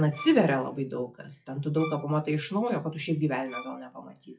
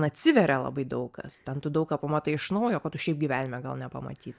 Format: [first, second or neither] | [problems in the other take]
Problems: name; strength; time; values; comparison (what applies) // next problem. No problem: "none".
second | noise reduction (classical method WPE with log-MMSE)